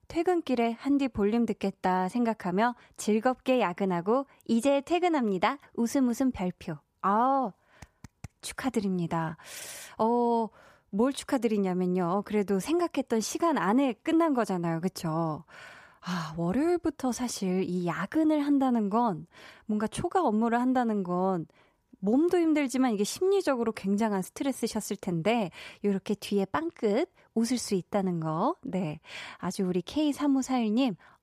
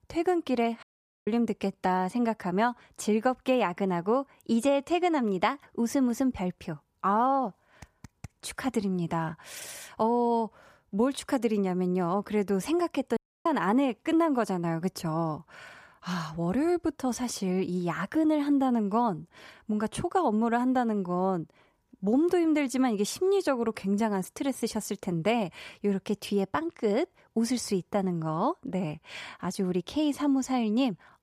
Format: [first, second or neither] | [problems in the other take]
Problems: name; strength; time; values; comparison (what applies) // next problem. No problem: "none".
first | audio cutting out; at 1 s and at 13 s